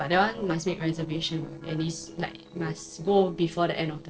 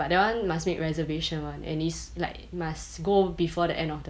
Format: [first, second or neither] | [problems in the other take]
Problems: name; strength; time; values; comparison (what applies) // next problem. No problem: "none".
second | noise reduction (neural separator model SepFormer DNS4)